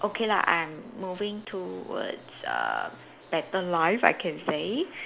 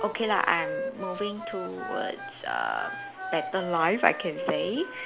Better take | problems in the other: first | background sound (Wind instrument, woodwind instrument); 7 dB below the speech

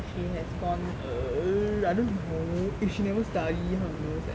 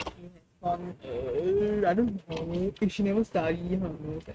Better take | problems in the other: first | noise reduction (neural mask model RNNoise)

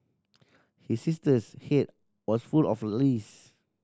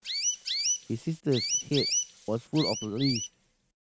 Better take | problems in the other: first | noise reduction (neural mask model RNNoise)

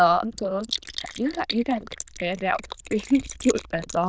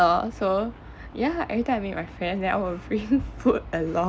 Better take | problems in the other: second | noise reduction (neural diffusion model UNIVERSE++)

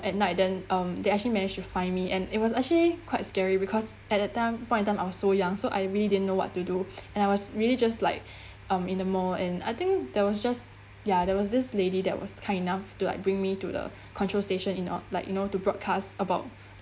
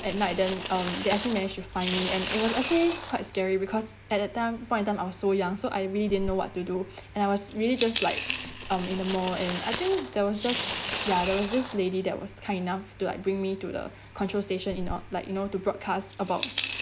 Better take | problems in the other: first | background sound (Coin (dropping)); 8 dB below the speech

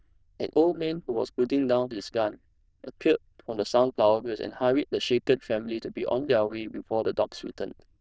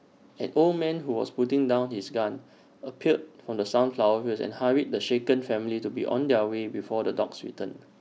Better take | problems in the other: second | noise reduction (neural diffusion model UNIVERSE++)

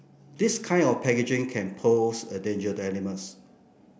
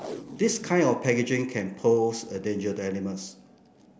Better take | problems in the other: first | background sound (Packing tape, duct tape); 19 dB below the speech

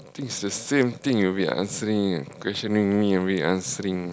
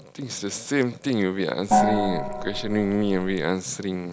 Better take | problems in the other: first | background sound (Gong); 1 dB above the speech

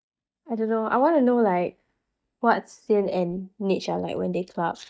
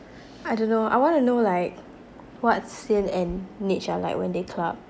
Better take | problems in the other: second | noise reduction (neural mask model DeepFilterNet 3)

